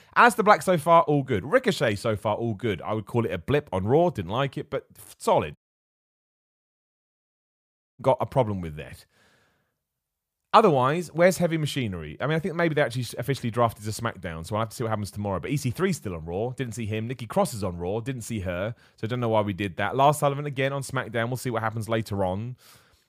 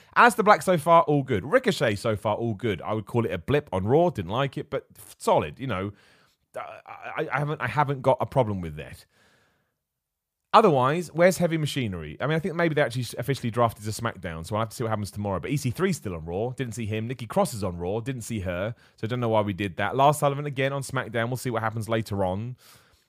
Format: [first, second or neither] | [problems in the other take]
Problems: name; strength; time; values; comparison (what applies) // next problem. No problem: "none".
second | audio cutting out; at 5.5 s for 2.5 s